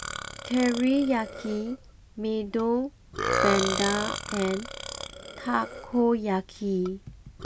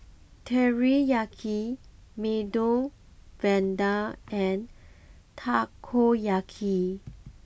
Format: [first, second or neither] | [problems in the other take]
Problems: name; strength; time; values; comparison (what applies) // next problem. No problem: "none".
second | background sound (Burping, eructation); 6 dB below the speech